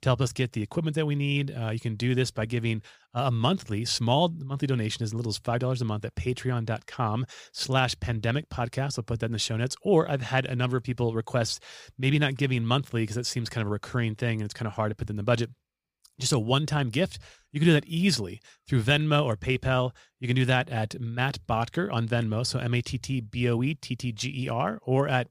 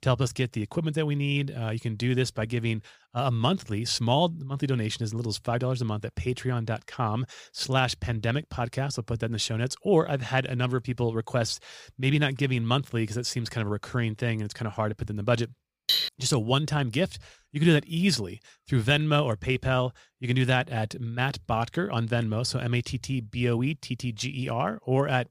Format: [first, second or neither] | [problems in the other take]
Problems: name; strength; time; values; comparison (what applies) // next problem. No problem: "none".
first | clattering dishes; loud; at 16 s; peak 3 dB above the speech